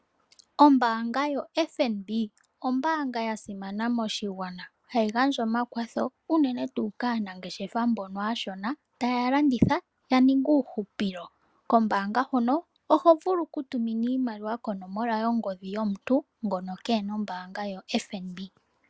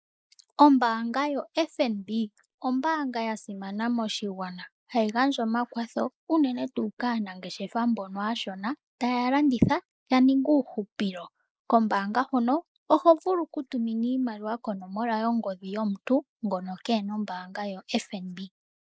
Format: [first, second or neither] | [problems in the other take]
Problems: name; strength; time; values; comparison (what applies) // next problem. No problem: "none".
first | noise reduction (neural mask model Resemble Enhance denoiser)